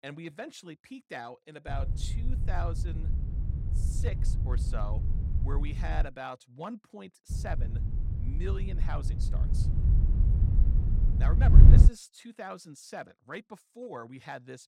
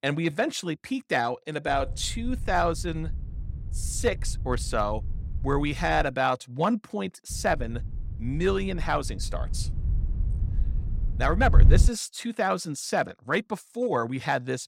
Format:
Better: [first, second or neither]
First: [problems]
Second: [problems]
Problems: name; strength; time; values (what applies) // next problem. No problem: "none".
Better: second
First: wind noise on the microphone; heavy; from 1.5 to 6 s and from 7.5 to 12 s; 2 dB below the speech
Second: wind noise on the microphone; occasional gusts; from 1.5 to 6 s and from 7.5 to 12 s; 20 dB below the speech